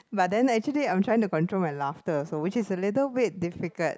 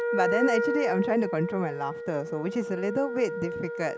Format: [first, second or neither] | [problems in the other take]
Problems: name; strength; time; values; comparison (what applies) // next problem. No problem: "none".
first | background sound (Wind instrument, woodwind instrument); 2 dB below the speech